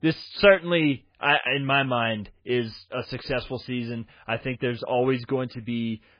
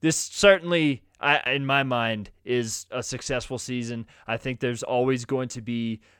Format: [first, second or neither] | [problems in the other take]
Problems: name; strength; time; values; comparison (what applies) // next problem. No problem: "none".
second | garbled, watery; badly